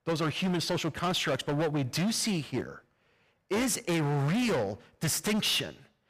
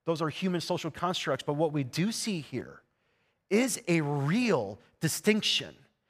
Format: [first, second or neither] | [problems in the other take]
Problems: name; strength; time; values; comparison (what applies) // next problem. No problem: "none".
second | distortion; heavy; 20% of the sound clipped